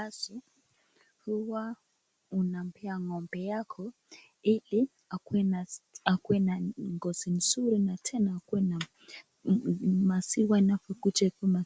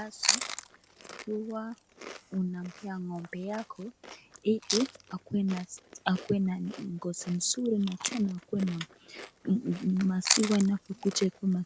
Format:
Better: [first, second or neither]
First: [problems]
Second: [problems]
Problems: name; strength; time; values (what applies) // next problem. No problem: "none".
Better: first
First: none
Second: background sound (Chewing, mastication); 7 dB below the speech